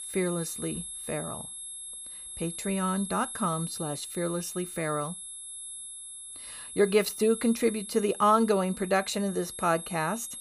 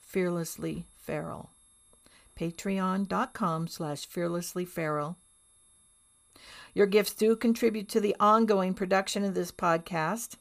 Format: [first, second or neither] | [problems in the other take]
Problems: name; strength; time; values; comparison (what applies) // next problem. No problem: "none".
second | high-pitched whine; loud; throughout; 11 kHz, 9 dB below the speech; faint in the second